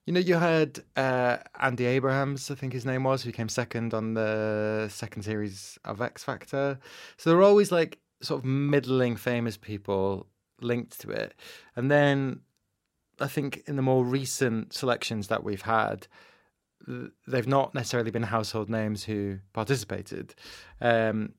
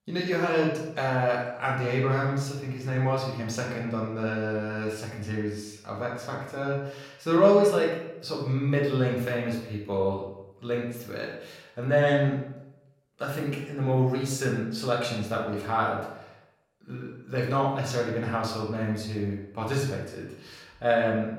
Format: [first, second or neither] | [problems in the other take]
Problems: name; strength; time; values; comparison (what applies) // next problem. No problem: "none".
first | off-mic speech; far // room echo; noticeable; dies away in 0.7 s